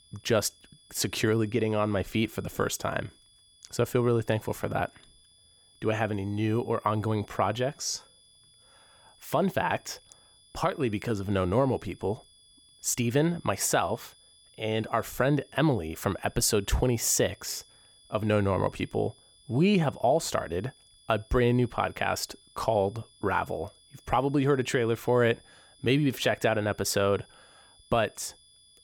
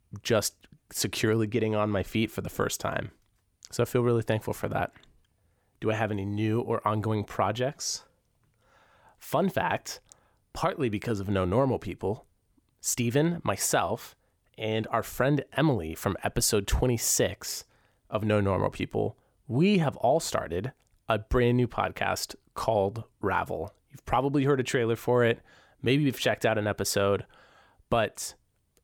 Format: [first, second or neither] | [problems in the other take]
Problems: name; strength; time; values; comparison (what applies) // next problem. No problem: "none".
second | high-pitched whine; faint; throughout; 3.5 kHz, 30 dB below the speech